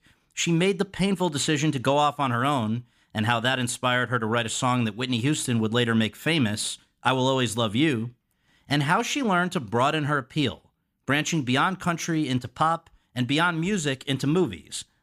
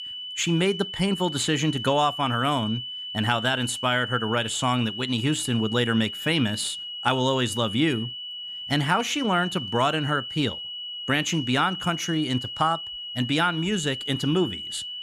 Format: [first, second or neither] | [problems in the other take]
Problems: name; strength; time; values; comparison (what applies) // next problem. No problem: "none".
first | high-pitched whine; loud; throughout; 3 kHz, 7 dB below the speech